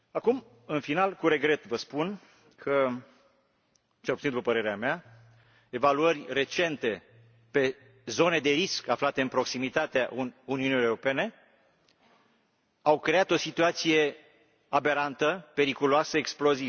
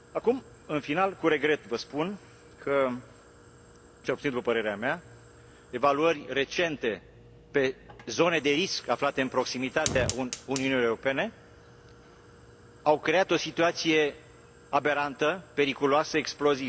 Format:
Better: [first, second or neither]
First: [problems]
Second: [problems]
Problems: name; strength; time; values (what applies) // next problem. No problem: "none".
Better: first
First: none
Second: background sound (Fire); 17 dB below the speech